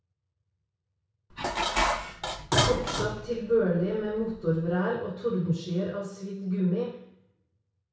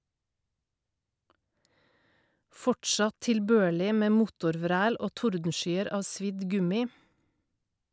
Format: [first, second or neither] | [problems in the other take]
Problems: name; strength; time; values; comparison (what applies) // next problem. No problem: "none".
second | background sound (Dishes, pots, and pans); as loud as the speech // room echo; dies away in 0.6 s